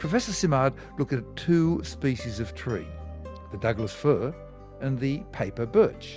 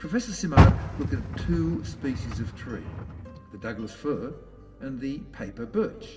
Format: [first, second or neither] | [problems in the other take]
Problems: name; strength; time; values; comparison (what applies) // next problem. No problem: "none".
first | background sound (Car); 4 dB above the speech // room echo; dies away in 3 s